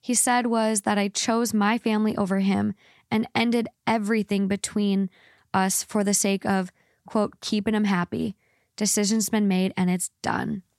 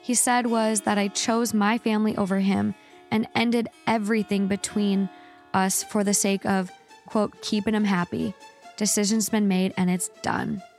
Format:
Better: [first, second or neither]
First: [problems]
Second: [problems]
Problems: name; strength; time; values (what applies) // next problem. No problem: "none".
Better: first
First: none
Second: background music; faint; throughout; 25 dB below the speech